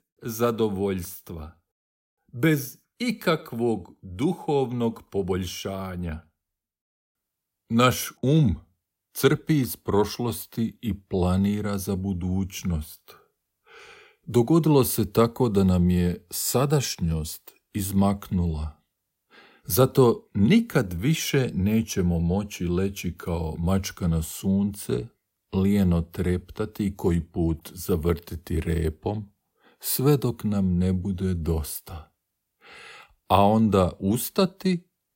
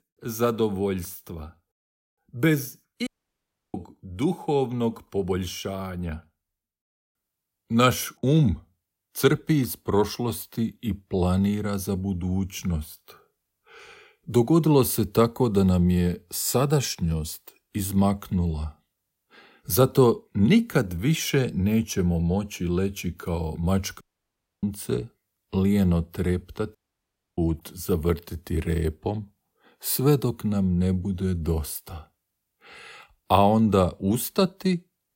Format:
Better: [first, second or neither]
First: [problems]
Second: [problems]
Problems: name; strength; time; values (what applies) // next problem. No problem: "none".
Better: first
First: none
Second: audio cutting out; at 3 s for 0.5 s, at 24 s for 0.5 s and at 27 s for 0.5 s